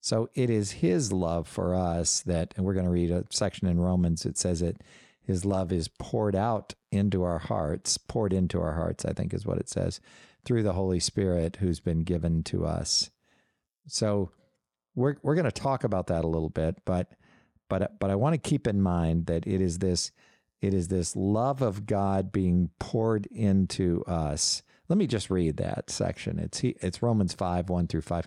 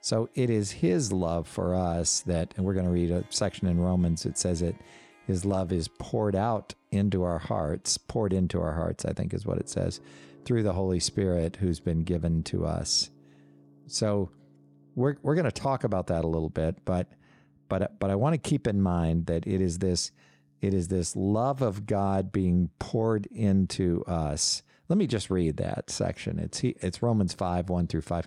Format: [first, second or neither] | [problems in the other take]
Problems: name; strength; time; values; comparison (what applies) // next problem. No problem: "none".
first | background music; faint; throughout; 30 dB below the speech